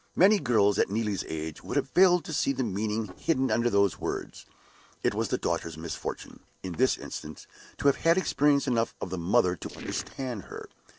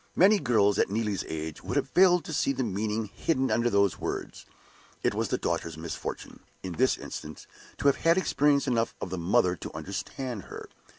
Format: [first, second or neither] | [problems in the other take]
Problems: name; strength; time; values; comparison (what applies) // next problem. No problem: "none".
second | noise reduction (neural separator model SepFormer DNS4)